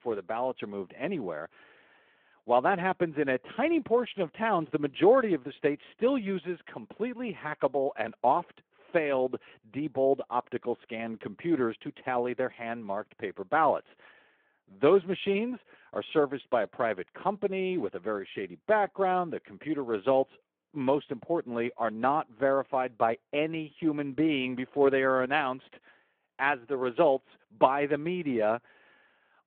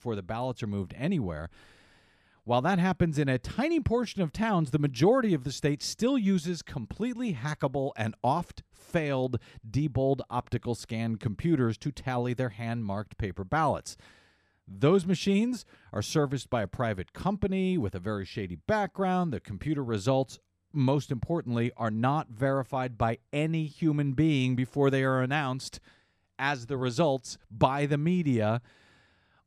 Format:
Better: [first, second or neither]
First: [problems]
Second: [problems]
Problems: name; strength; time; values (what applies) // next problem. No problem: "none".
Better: second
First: phone-call audio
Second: none